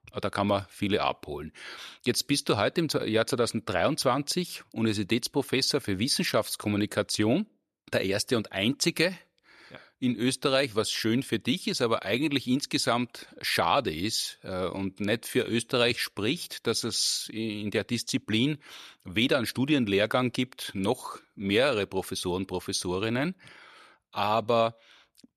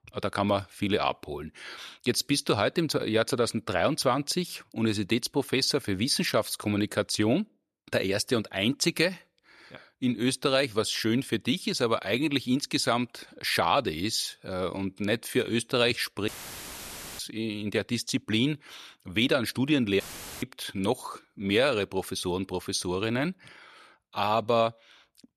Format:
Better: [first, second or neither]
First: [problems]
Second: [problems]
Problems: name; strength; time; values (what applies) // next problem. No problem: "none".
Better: first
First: none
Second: audio cutting out; filled with static; at 16 s for 1 s and at 20 s